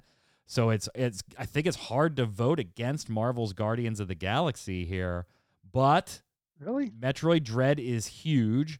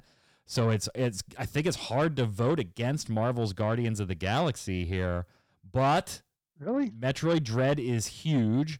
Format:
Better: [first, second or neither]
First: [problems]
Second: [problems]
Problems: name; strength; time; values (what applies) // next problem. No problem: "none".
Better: first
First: none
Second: distortion; slight; 10 dB below the speech